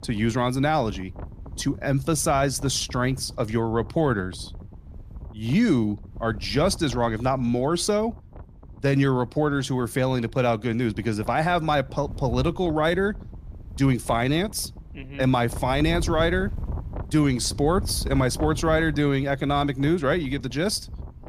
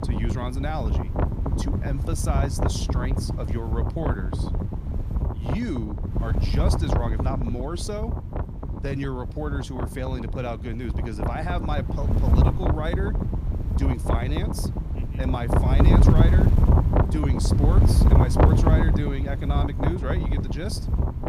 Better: first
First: wind noise on the microphone; occasional gusts; 20 dB below the speech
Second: wind noise on the microphone; heavy; 1 dB above the speech

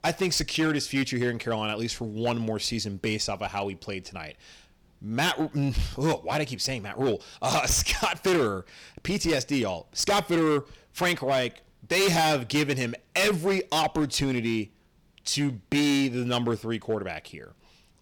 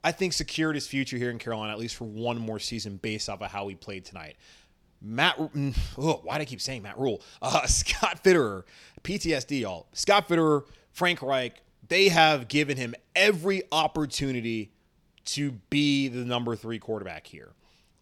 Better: second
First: distortion; heavy; 9% of the sound clipped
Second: none

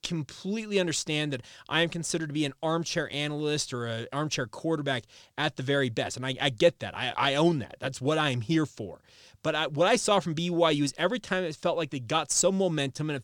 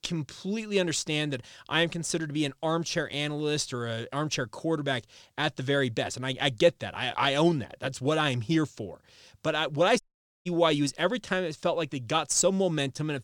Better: first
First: none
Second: audio cutting out; at 10 s

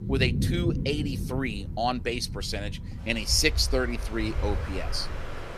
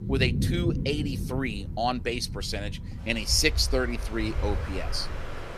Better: neither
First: rain or running water; loud; throughout; 4 dB below the speech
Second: rain or running water; loud; throughout; 4 dB below the speech

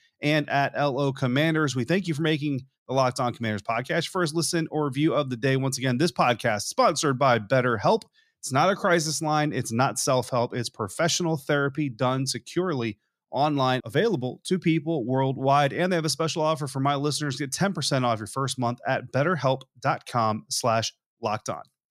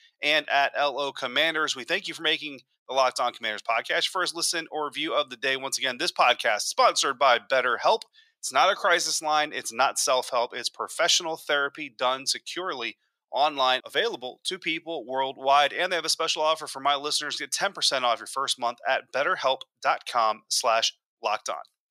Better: first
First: none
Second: thin; very; fading below 700 Hz

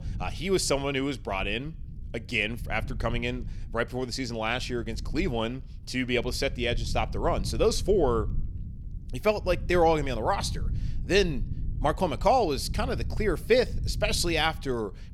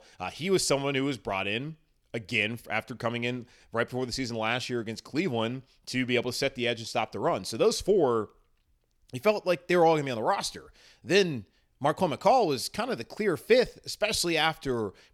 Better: second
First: low rumble; faint; throughout; 25 dB below the speech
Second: none

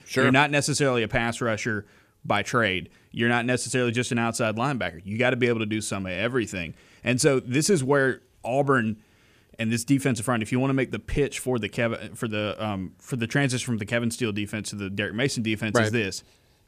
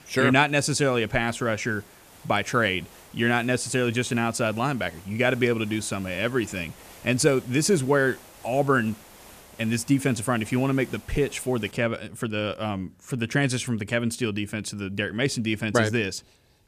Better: first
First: none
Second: hiss; faint; until 12 s; 25 dB below the speech

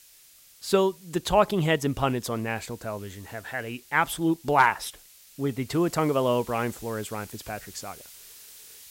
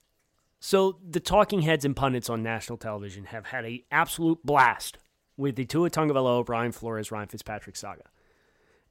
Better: second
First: hiss; faint; throughout; 20 dB below the speech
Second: none

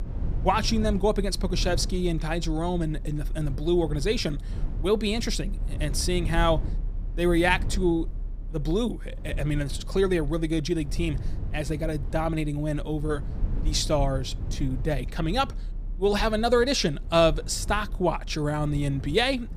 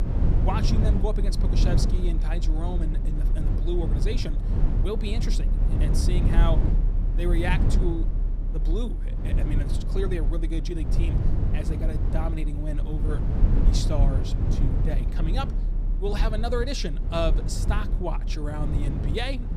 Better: first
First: low rumble; faint; throughout; 20 dB below the speech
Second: low rumble; loud; throughout; 5 dB below the speech

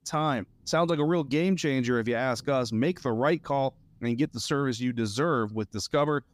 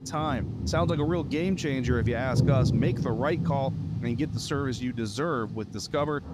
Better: first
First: rain or running water; faint; throughout; 30 dB below the speech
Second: rain or running water; loud; throughout; as loud as the speech

